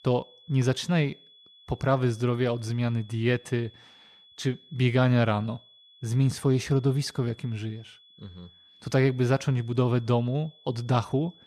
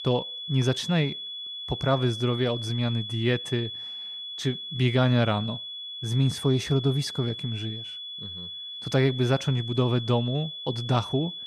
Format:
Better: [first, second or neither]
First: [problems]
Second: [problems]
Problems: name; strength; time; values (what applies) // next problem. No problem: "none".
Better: first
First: high-pitched whine; faint; throughout; 3.5 kHz, 25 dB below the speech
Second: high-pitched whine; loud; throughout; 3.5 kHz, 8 dB below the speech